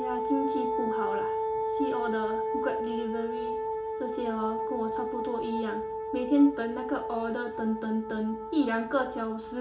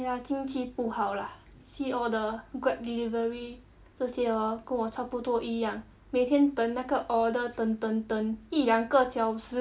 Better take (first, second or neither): second